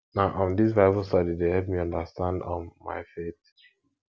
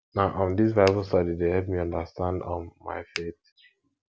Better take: first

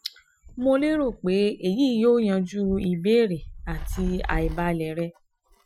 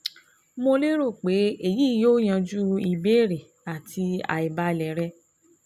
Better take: second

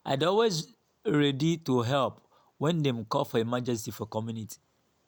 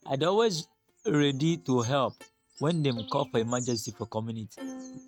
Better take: first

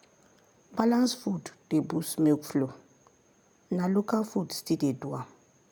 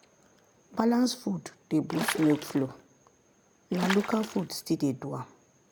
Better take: first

